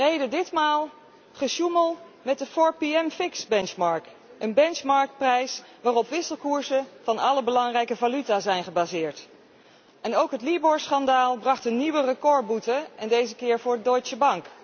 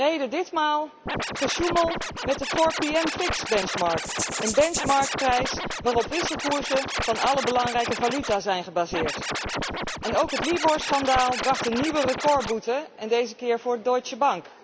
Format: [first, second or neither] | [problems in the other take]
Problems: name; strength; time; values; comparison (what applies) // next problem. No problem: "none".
first | background sound (Rattle (instrument) + Scratching (performance technique)); 4 dB below the speech